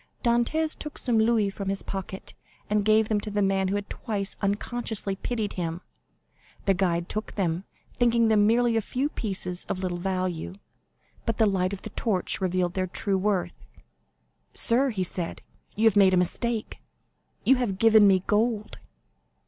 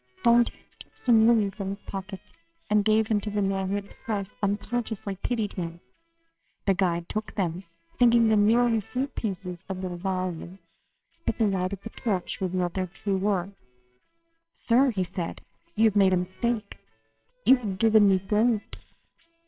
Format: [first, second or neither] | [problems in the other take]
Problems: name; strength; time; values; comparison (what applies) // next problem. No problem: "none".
first | noise reduction (neural separator model SepFormer WHAMR!)